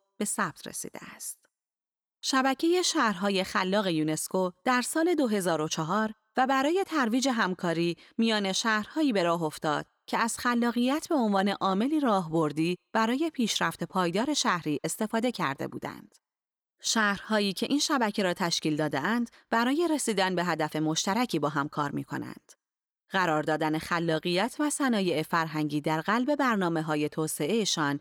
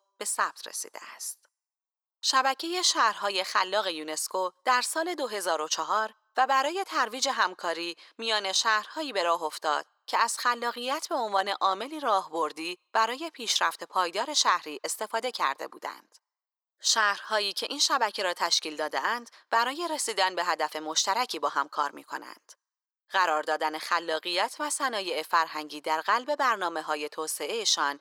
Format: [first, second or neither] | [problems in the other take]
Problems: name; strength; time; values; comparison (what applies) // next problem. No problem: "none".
first | thin; very; fading below 500 Hz